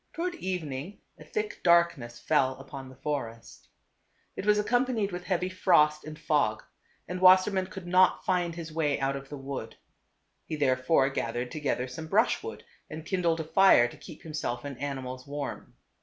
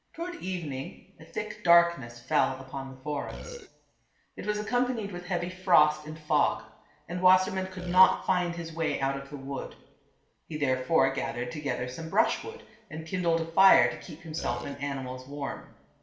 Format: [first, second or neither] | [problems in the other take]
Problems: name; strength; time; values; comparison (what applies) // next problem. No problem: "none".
first | background sound (Burping, eructation); 10 dB below the speech // room echo; dies away in 1 s